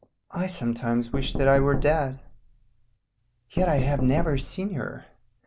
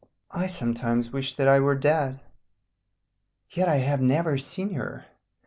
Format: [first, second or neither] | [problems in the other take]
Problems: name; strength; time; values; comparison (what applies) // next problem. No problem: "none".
second | background sound (Knock); 4 dB below the speech